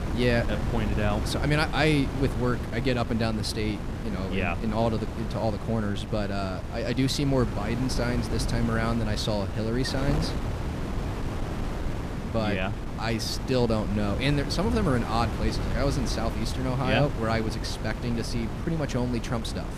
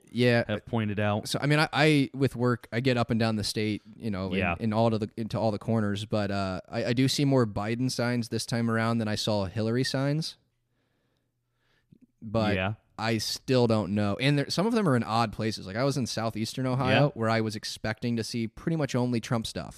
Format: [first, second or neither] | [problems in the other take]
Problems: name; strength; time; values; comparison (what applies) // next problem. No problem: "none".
second | wind noise on the microphone; heavy; 8 dB below the speech